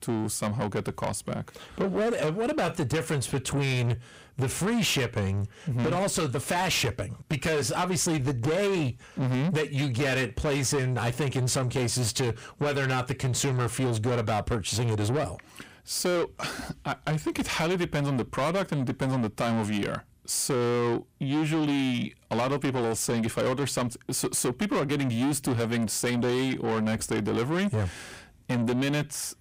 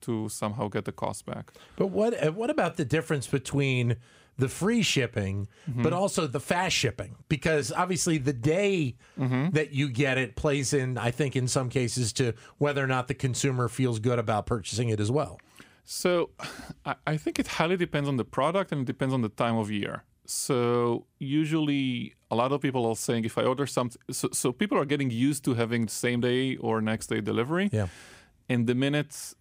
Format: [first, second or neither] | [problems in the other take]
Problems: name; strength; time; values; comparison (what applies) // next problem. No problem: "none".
second | distortion; heavy; 7 dB below the speech